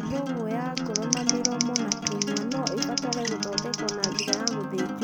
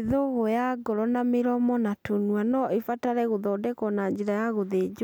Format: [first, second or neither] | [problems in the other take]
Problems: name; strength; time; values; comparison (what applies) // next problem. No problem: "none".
second | background sound (Scissors + Acoustic guitar); 2 dB above the speech